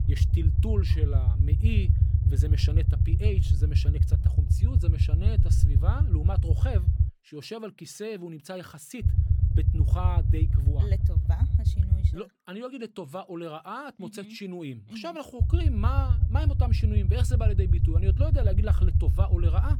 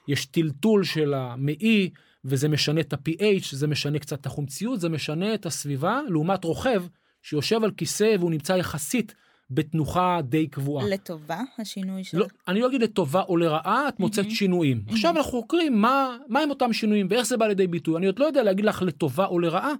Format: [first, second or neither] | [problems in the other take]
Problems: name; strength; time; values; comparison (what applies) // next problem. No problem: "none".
second | low rumble; loud; until 7 s, from 9 to 12 s and from 15 s on; 2 dB below the speech